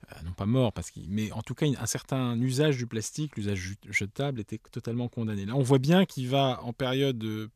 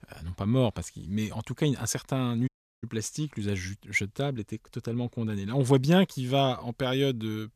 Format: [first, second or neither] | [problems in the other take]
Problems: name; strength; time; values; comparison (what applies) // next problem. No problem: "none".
first | audio cutting out; at 2.5 s